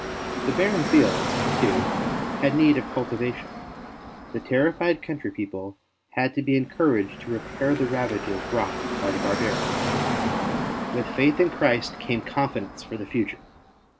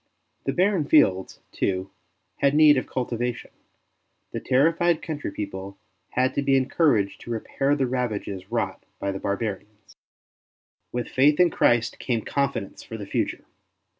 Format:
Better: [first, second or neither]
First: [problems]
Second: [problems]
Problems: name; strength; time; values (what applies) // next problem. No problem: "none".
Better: second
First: background sound (Car passing by / Traffic noise, roadway noise); 4 dB below the speech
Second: none